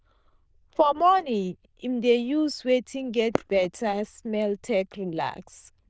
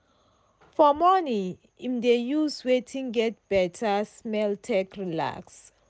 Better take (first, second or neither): second